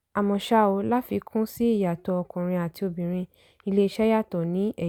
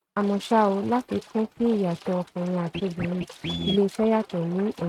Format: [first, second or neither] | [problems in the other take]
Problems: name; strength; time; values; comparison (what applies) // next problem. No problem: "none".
first | noise reduction (neural mask model RNNoise)